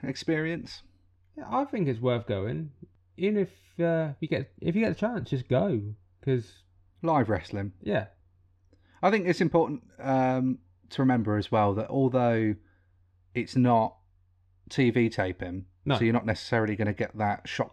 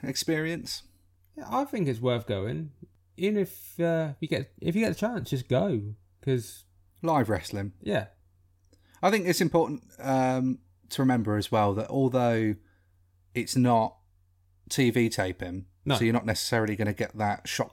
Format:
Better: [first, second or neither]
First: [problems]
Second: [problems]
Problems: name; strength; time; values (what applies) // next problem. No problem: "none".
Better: second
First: muffled; slightly; fading above 3 kHz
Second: none